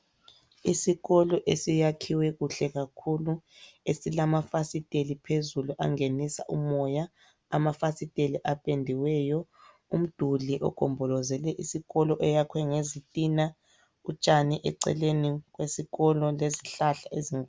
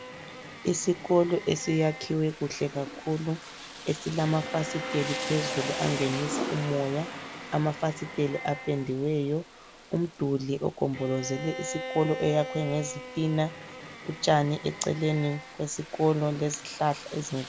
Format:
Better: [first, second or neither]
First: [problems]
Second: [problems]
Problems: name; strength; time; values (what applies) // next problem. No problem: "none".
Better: first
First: none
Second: background sound (Rain + Bowed string instrument); 10 dB below the speech